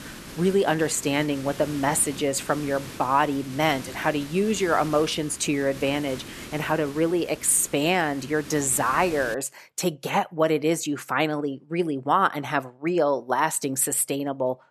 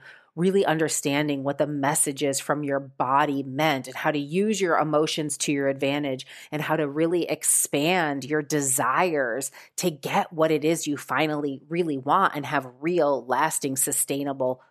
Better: second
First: hiss; noticeable; until 9.5 s; 15 dB below the speech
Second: none

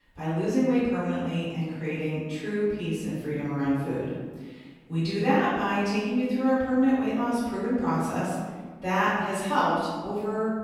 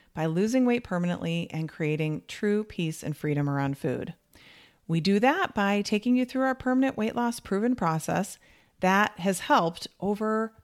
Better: second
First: off-mic speech; far // room echo; strong; dies away in 1.3 s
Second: none

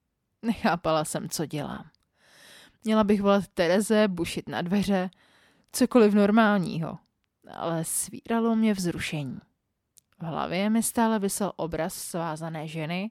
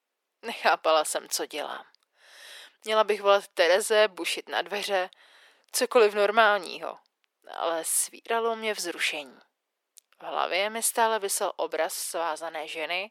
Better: first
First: none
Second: thin; very; fading below 400 Hz

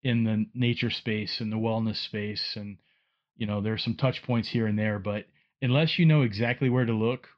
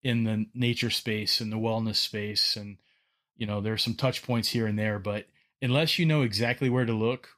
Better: second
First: muffled; very slightly; fading above 3.5 kHz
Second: none

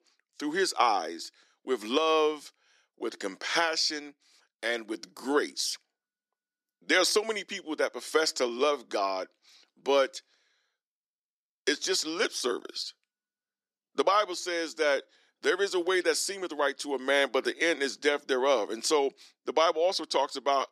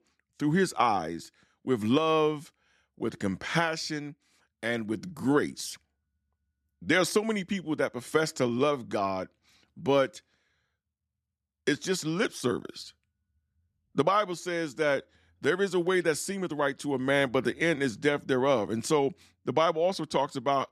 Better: second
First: thin; somewhat; fading below 350 Hz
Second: none

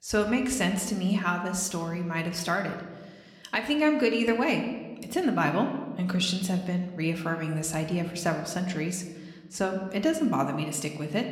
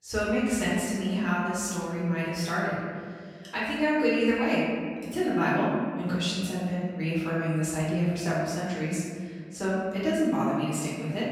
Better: first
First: room echo; slight; dies away in 1 s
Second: room echo; strong; dies away in 2 s // off-mic speech; far

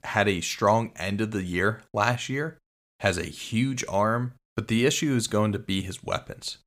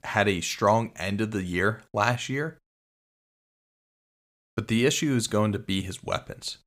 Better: first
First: none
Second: audio freezing; at 3 s for 1.5 s

